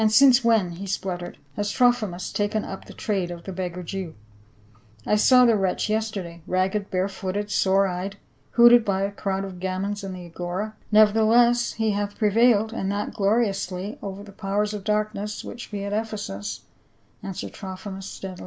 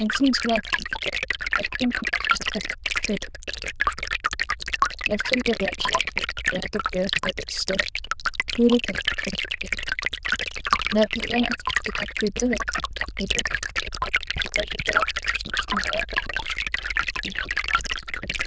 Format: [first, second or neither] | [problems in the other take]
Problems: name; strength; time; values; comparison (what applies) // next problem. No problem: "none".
first | noise reduction (neural diffusion model UNIVERSE++)